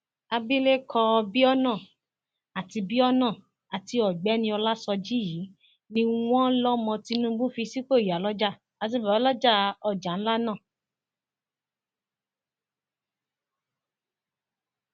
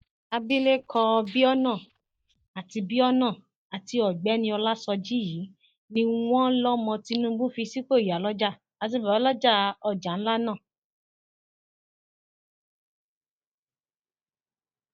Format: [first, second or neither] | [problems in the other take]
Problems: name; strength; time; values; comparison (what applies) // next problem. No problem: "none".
first | noise reduction (neural mask model DeepFilterNet 3)